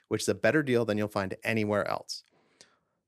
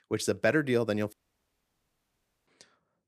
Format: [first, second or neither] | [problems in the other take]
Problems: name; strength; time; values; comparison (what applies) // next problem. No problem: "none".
first | audio cutting out; at 1 s for 1.5 s